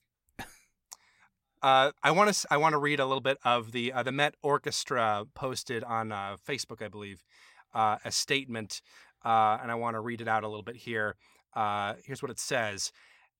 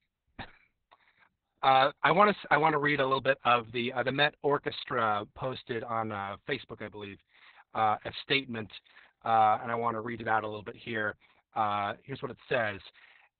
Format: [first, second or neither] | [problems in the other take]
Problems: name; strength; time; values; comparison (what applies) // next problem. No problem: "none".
first | garbled, watery; badly; nothing above 4 kHz